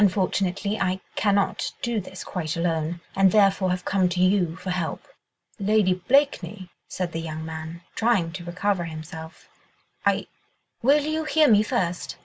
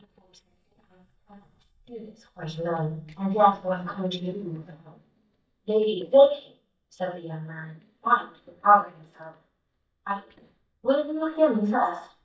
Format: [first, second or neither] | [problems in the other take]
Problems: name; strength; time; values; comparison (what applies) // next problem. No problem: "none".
first | noise reduction (neural mask model DeepFilterNet 3)